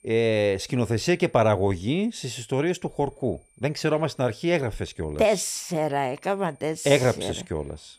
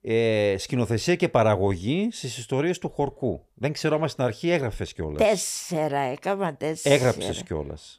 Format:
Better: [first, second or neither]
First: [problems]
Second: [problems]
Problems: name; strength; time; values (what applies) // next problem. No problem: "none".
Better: second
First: high-pitched whine; faint; throughout; 9 kHz, 35 dB below the speech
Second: none